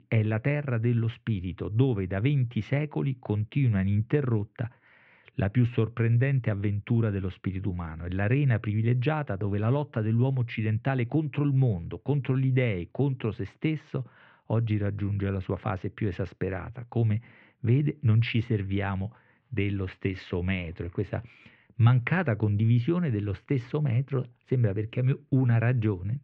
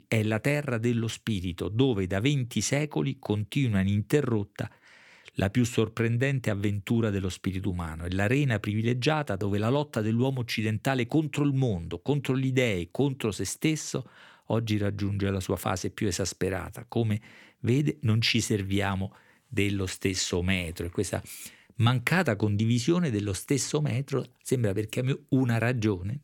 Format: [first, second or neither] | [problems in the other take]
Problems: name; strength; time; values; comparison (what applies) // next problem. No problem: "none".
second | muffled; very; fading above 2.5 kHz